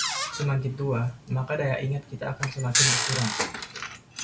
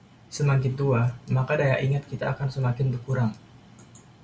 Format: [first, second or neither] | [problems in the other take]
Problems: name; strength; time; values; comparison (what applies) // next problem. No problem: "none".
second | background sound (Microwave oven); 1 dB below the speech